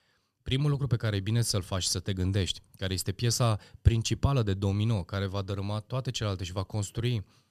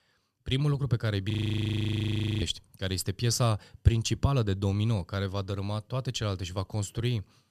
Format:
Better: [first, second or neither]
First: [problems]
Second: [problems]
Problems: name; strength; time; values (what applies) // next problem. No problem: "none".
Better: first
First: none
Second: audio freezing; at 1.5 s for 1 s